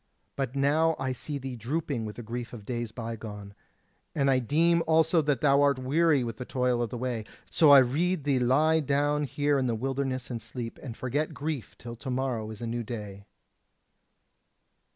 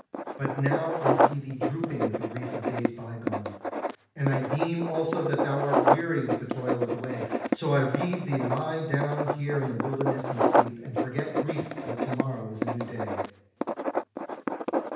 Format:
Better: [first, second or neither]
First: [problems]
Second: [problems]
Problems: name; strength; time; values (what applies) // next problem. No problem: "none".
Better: first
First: none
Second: background sound (Writing); 2 dB above the speech // room echo; dies away in 0.9 s